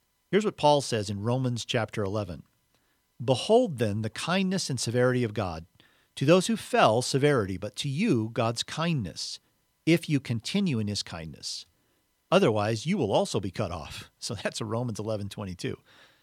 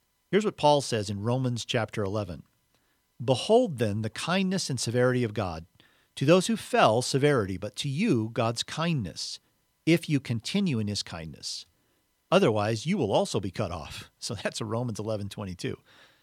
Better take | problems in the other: neither | none

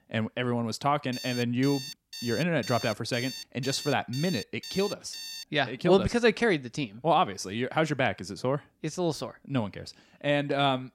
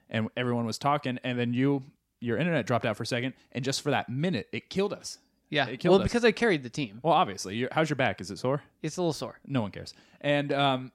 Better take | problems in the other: second | alarm; noticeable; from 1 to 5.5 s; peak 9 dB below the speech

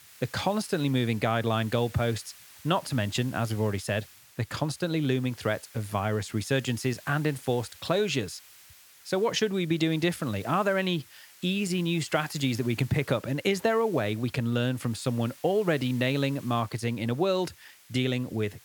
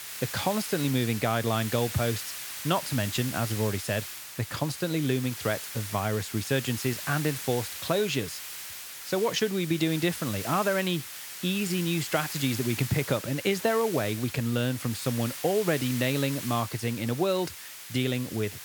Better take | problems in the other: first | hiss; loud; throughout; 8 dB below the speech; faint in the first

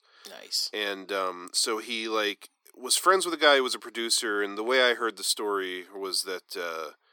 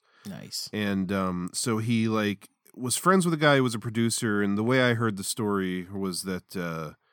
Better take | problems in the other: second | thin; very; fading below 350 Hz

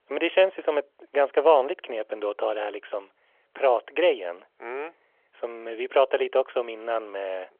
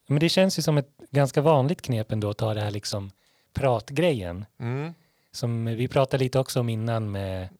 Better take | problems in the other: second | phone-call audio

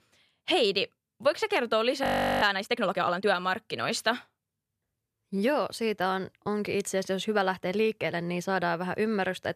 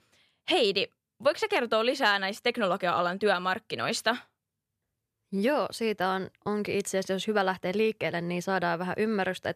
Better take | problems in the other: second | audio freezing; at 2 s

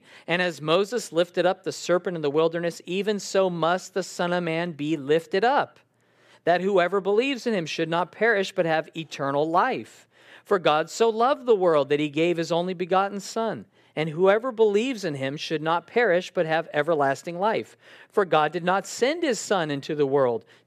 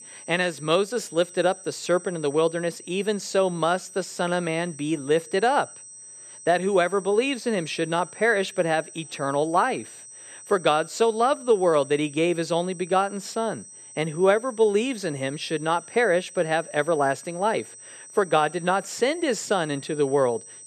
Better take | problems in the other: first | high-pitched whine; noticeable; throughout; 8 kHz, 15 dB below the speech

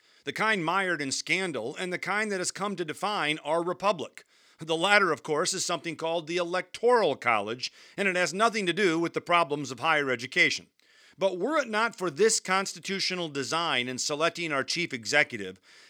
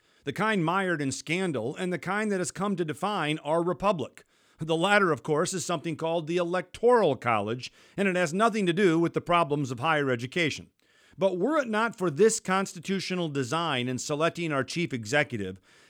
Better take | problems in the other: second | thin; very slightly; fading below 750 Hz

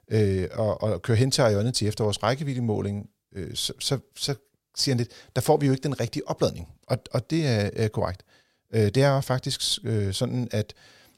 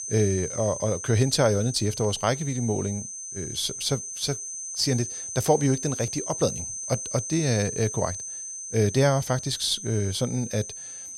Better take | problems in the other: first | high-pitched whine; loud; throughout; 6 kHz, 7 dB below the speech

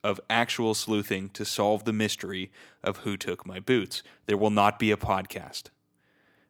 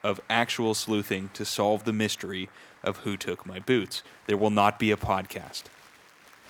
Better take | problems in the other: first | crowd noise; faint; throughout; 25 dB below the speech

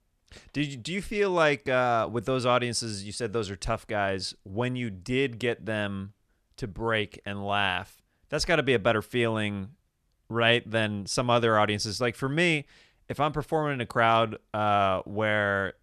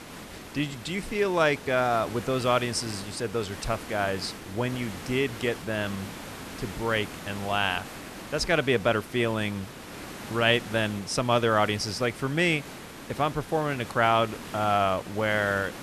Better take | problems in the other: first | hiss; noticeable; throughout; 15 dB below the speech

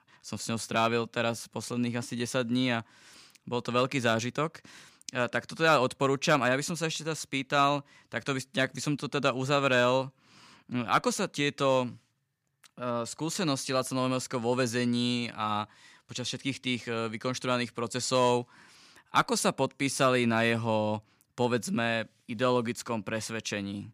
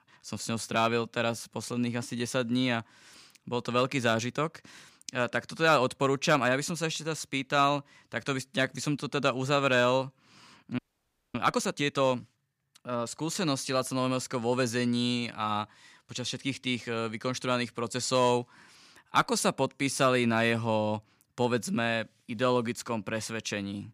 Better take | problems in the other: first | audio freezing; at 11 s for 0.5 s

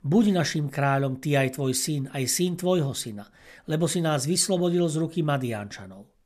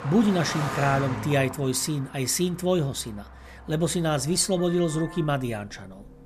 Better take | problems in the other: first | traffic noise; noticeable; throughout; 10 dB below the speech

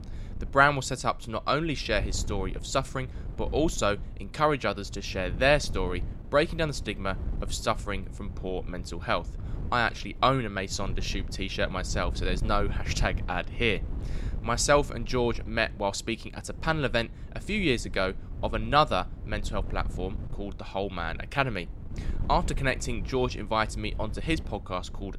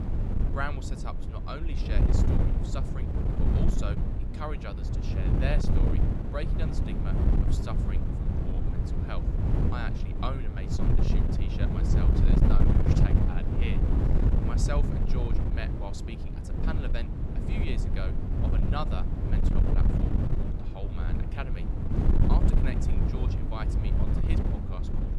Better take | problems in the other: first | wind noise on the microphone; heavy; 1 dB above the speech; occasional gusts in the first

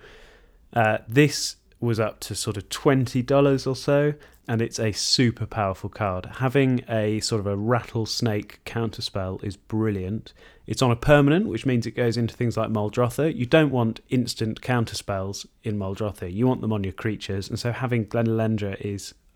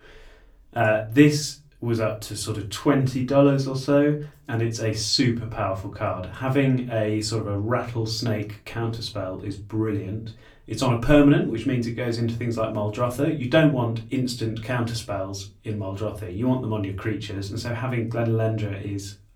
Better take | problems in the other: first | off-mic speech; far // room echo; very slight; dies away in 0.2 s

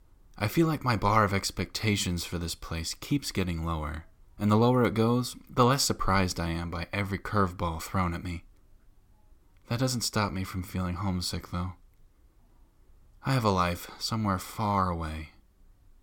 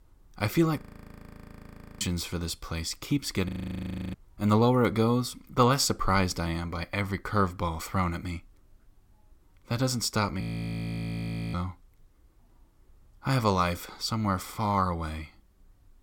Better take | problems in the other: first | audio freezing; at 1 s for 1 s, at 3.5 s for 0.5 s and at 10 s for 1 s

